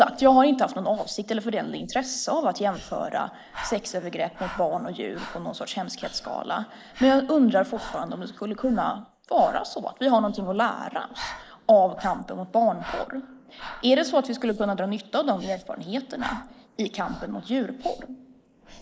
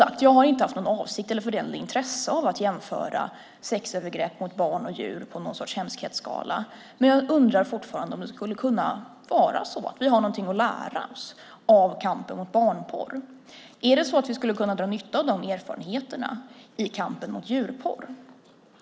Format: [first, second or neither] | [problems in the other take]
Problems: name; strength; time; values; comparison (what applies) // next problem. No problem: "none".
second | noise reduction (neural mask model Resemble Enhance denoiser)